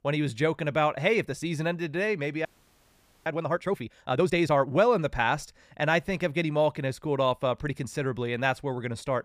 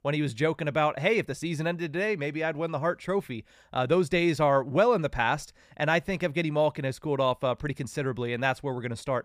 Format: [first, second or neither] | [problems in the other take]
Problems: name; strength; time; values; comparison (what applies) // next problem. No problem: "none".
second | audio freezing; at 2.5 s for 1 s